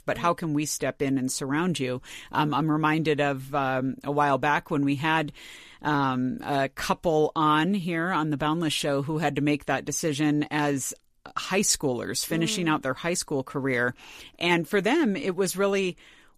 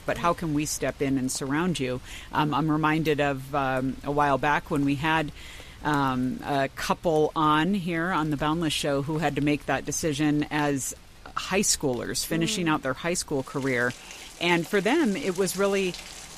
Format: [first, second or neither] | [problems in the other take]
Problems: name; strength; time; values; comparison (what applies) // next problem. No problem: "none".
first | rain or running water; noticeable; throughout; 20 dB below the speech